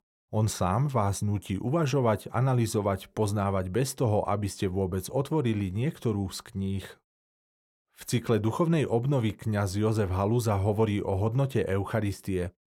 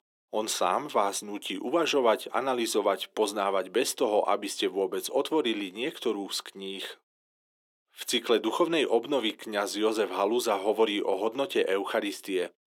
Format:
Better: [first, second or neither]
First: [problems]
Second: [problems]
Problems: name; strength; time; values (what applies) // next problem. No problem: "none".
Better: first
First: none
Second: thin; very; fading below 300 Hz